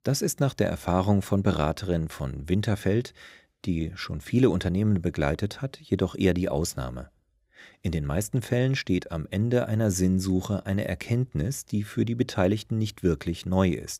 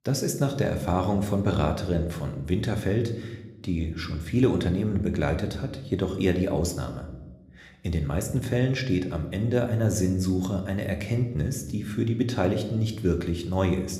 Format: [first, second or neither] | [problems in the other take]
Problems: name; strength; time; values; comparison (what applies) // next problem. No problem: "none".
first | room echo; slight; dies away in 0.8 s